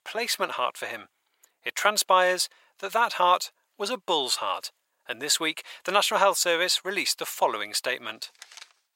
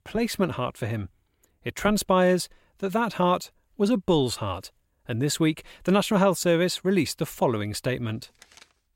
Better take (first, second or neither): second